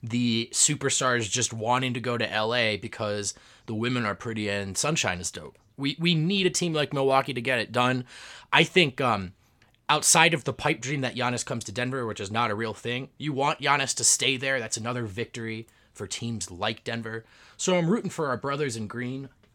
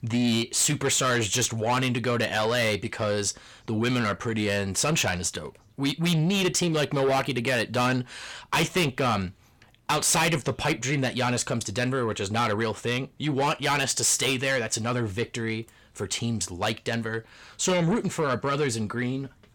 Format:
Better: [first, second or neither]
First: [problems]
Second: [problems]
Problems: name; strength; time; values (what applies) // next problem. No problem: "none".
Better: first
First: none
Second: distortion; heavy; 6 dB below the speech